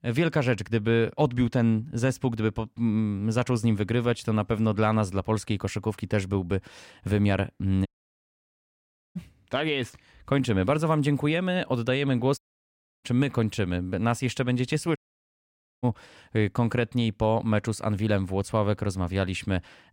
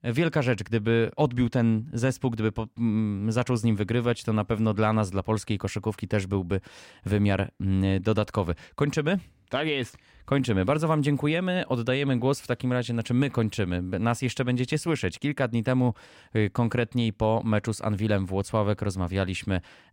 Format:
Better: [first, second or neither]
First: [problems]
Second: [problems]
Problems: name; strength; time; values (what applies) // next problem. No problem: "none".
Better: second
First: audio cutting out; at 8 s for 1.5 s, at 12 s for 0.5 s and at 15 s for 1 s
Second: none